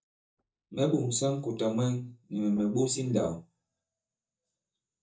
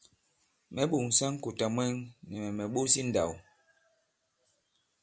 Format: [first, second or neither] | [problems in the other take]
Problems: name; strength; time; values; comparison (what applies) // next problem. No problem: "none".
second | noise reduction (neural mask model DeepFilterNet 3)